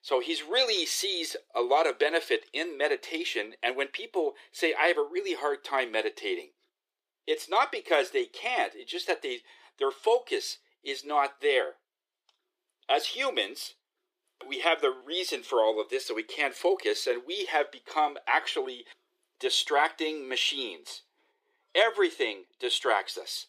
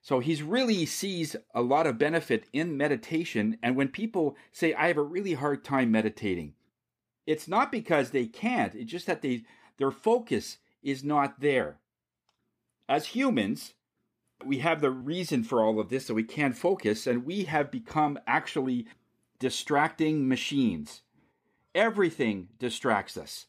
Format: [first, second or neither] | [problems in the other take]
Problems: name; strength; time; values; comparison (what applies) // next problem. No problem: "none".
second | thin; very; fading below 350 Hz